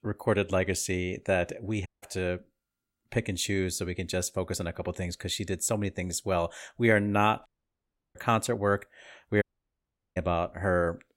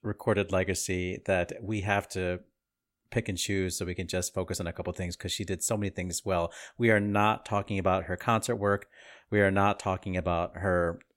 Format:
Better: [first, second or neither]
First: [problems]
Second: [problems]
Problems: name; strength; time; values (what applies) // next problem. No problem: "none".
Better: second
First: audio cutting out; at 2 s, at 7.5 s for 0.5 s and at 9.5 s for 0.5 s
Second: none